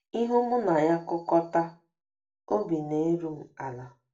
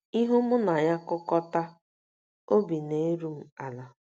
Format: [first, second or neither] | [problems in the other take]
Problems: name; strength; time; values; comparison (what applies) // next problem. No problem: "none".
second | room echo; dies away in 0.2 s